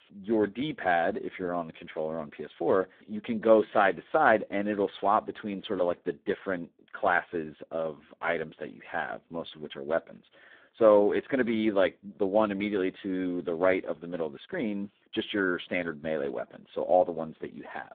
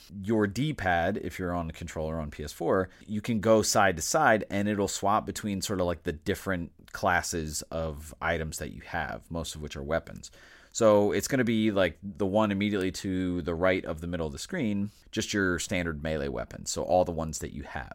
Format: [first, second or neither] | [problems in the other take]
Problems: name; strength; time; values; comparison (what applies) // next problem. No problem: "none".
second | phone-call audio; poor line; nothing above 3.5 kHz